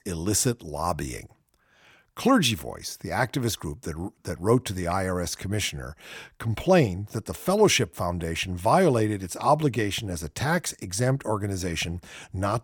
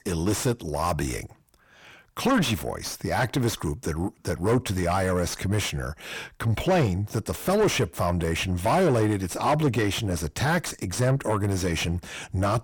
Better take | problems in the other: first | distortion; heavy; 7 dB below the speech

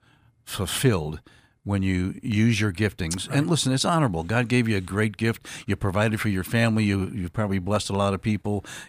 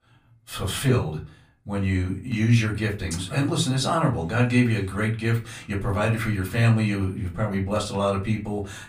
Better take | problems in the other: first | off-mic speech; far // room echo; very slight; dies away in 0.3 s

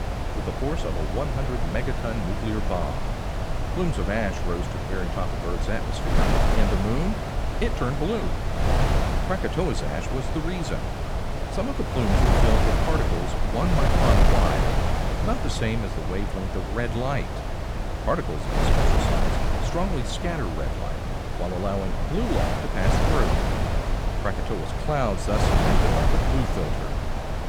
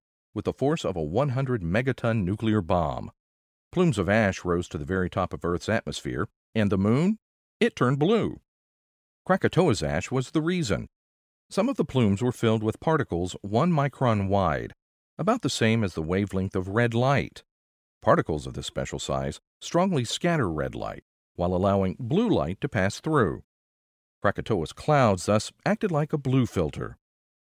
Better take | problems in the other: second | wind noise on the microphone; heavy; 2 dB above the speech

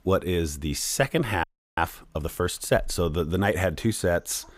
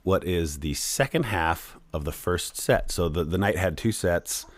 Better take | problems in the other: second | audio freezing; at 1.5 s

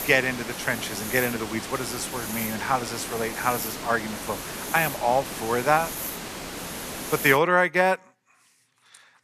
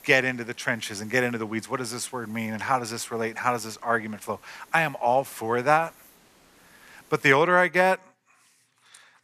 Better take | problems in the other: second | hiss; loud; until 7.5 s; 7 dB below the speech; faint in the second

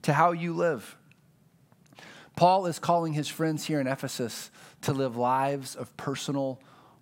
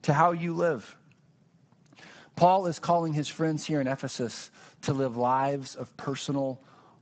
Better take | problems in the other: first | garbled, watery; badly; nothing above 8 kHz

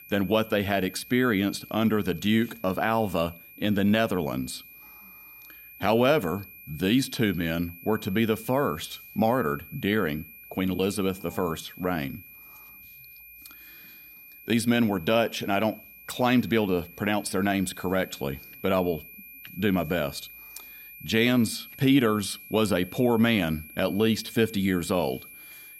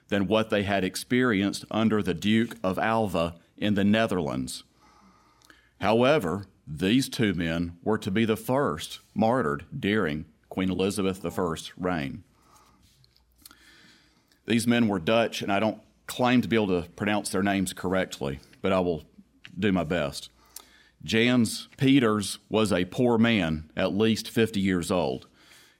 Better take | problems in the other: second | high-pitched whine; noticeable; throughout; 2.5 kHz, 20 dB below the speech

